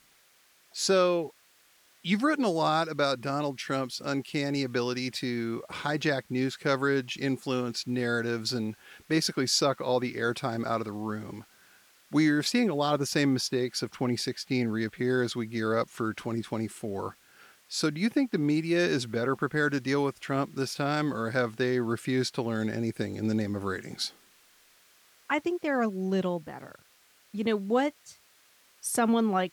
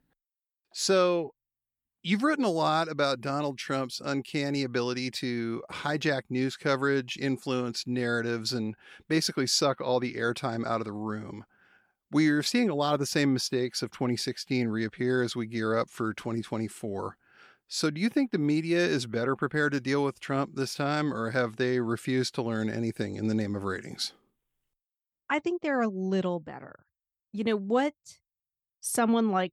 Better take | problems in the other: second | hiss; faint; throughout; 30 dB below the speech

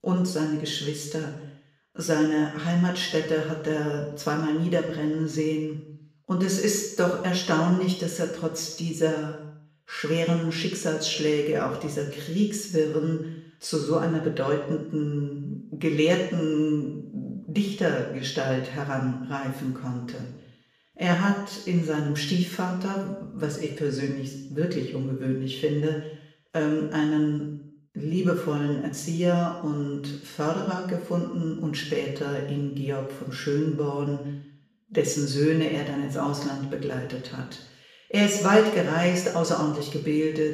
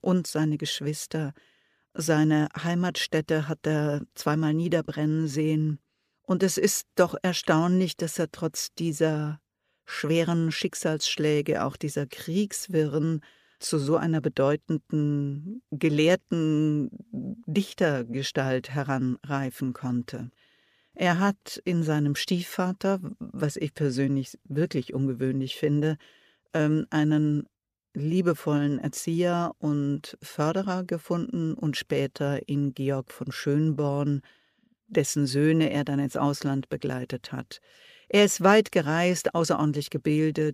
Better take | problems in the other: second | room echo; noticeable; dies away in 0.7 s // off-mic speech; far

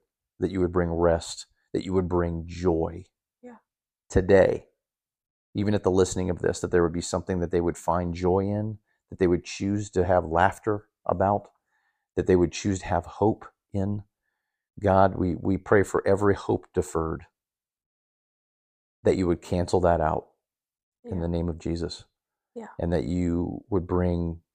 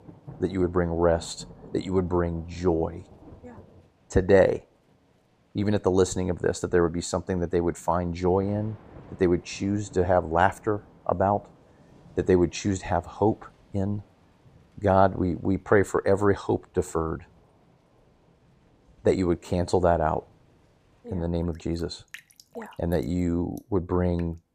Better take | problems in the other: first | rain or running water; faint; throughout; 25 dB below the speech

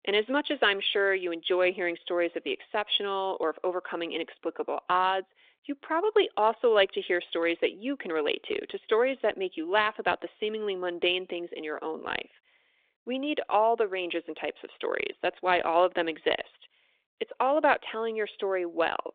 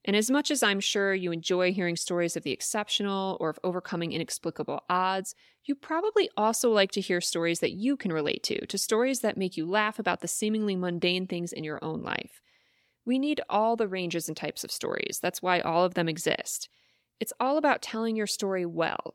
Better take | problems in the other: second | phone-call audio; nothing above 3.5 kHz

